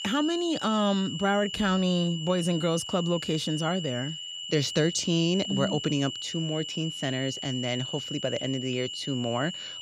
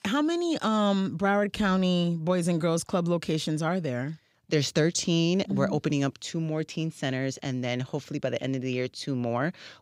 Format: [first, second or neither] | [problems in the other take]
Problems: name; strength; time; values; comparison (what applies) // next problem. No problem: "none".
second | high-pitched whine; loud; throughout; 3 kHz, 6 dB below the speech